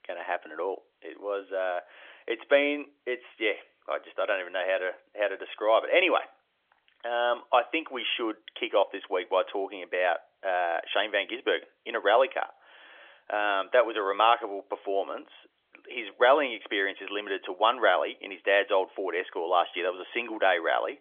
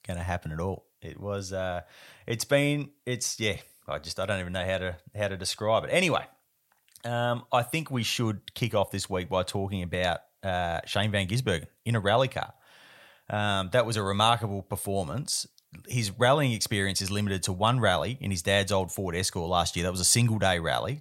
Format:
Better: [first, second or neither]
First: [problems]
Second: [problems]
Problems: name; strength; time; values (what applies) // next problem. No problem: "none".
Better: second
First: phone-call audio; nothing above 3.5 kHz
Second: none